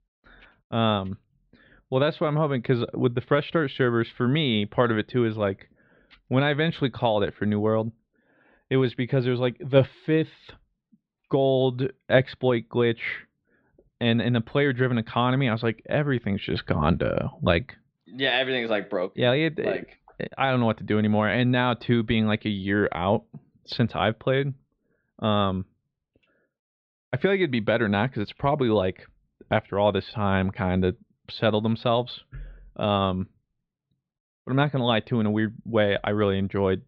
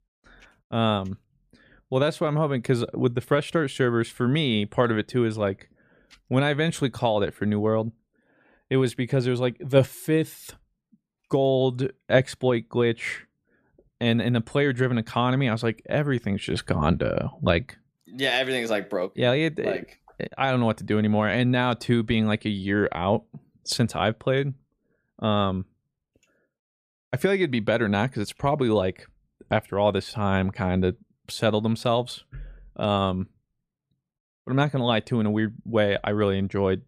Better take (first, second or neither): second